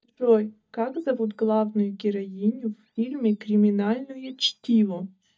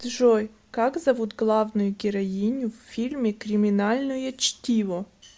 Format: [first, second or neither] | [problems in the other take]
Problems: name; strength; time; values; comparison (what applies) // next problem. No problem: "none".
second | noise reduction (neural mask model DeepFilterNet 3)